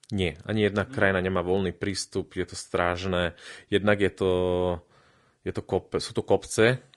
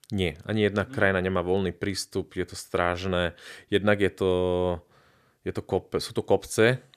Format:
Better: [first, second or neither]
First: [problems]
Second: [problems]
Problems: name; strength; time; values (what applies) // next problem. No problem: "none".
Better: second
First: garbled, watery; slightly; nothing above 10.5 kHz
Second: none